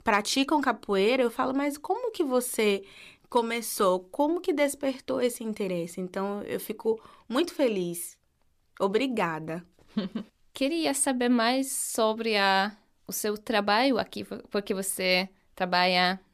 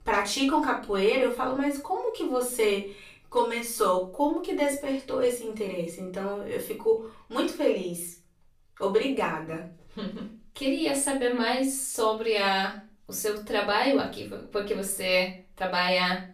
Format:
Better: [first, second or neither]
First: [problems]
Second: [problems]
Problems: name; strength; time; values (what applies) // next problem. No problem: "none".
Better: first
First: none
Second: off-mic speech; far // room echo; slight; dies away in 0.3 s